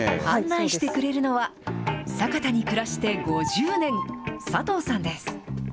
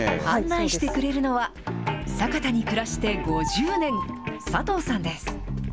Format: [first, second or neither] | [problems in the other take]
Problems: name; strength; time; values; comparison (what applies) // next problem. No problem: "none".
first | background sound (Drum kit); 11 dB below the speech